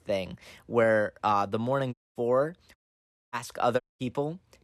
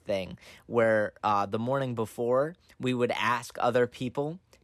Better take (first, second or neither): second